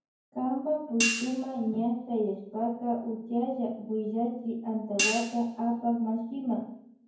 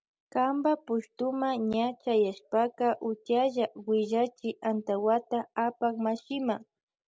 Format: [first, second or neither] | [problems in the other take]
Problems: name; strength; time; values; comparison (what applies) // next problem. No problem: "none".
second | background sound (Hi-hat); 4 dB below the speech // room echo; dies away in 0.9 s